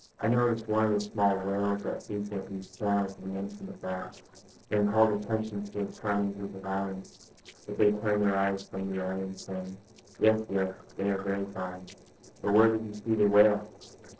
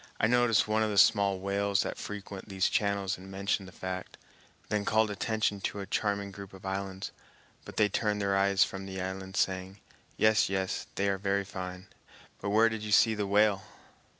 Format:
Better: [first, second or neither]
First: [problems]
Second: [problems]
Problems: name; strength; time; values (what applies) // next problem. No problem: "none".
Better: second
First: noise reduction (neural separator model SepFormer DNS4)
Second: none